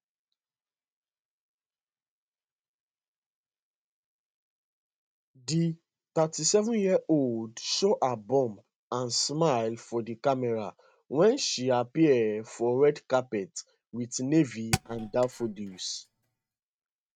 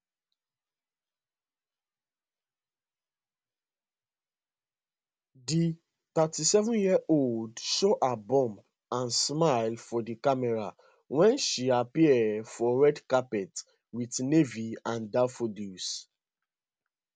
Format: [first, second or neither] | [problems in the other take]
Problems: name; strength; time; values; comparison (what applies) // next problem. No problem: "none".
second | noise reduction (neural mask model RNNoise)